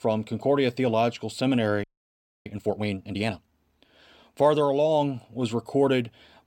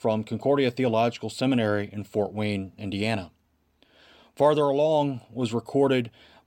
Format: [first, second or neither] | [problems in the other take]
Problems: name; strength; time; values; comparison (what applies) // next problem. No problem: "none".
second | audio freezing; at 2 s for 0.5 s